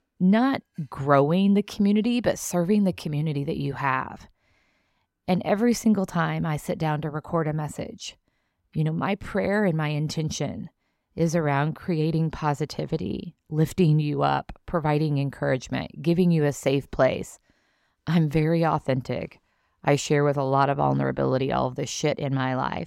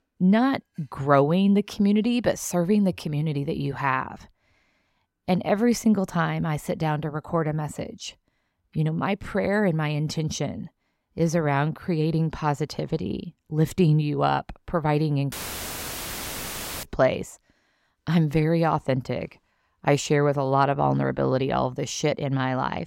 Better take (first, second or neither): first